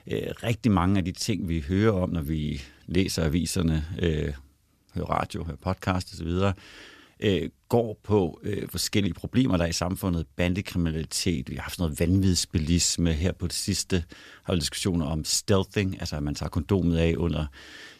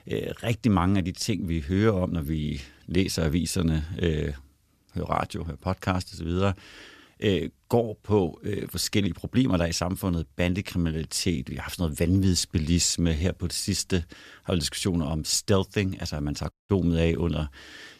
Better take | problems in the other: first | audio cutting out; at 17 s

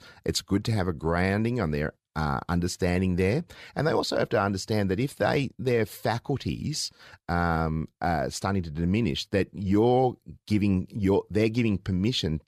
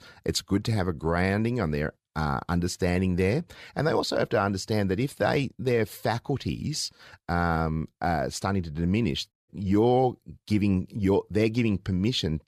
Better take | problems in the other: first | audio cutting out; at 9.5 s

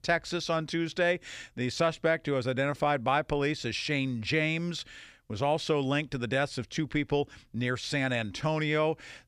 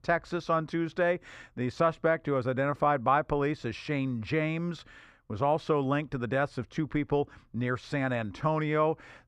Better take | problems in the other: first | muffled; slightly; fading above 2 kHz

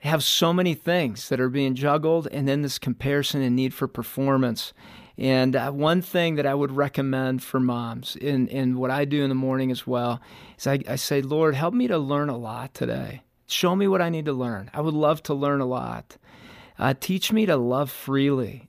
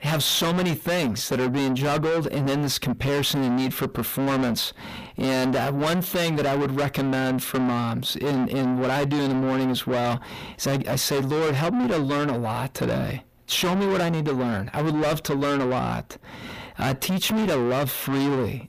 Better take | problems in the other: first | distortion; heavy; 6 dB below the speech

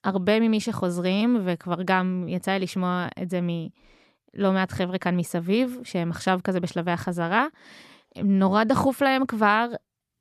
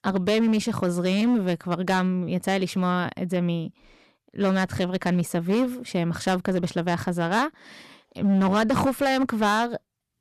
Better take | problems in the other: first | distortion; slight; 8% of the sound clipped

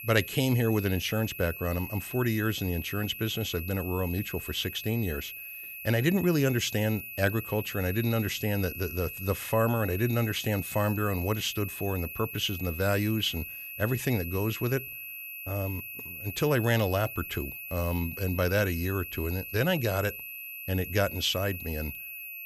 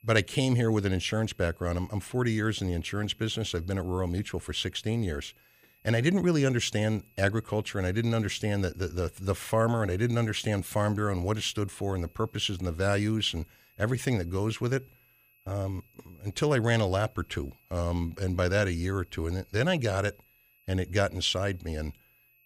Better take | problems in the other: second | high-pitched whine; loud; throughout; 2.5 kHz, 8 dB below the speech; faint in the second

